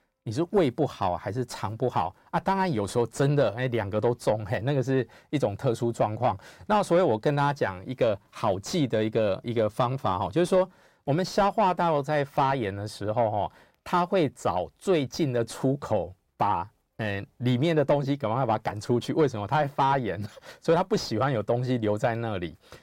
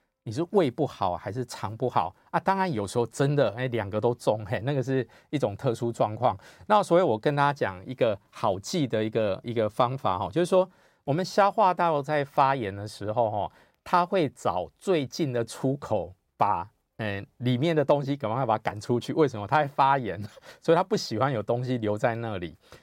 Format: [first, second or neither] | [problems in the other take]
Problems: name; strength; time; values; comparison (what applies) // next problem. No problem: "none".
second | distortion; slight; 10 dB below the speech